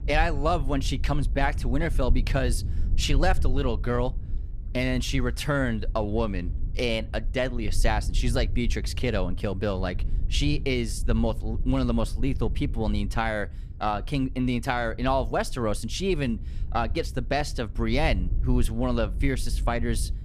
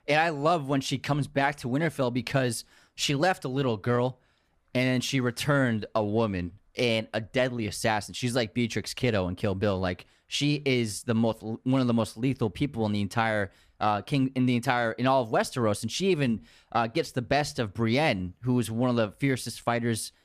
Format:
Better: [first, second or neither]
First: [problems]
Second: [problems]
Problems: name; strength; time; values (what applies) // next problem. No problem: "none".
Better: second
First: low rumble; faint; throughout; 20 dB below the speech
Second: none